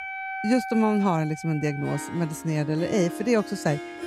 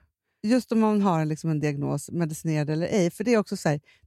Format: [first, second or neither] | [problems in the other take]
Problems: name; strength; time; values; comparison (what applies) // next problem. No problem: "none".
second | background music; loud; throughout; 10 dB below the speech